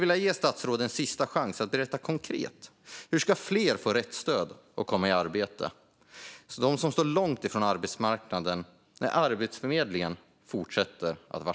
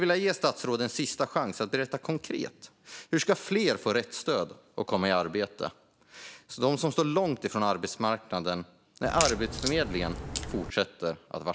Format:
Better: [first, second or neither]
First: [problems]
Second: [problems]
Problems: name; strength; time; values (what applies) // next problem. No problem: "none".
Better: first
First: none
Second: background sound (Crack); 4 dB below the speech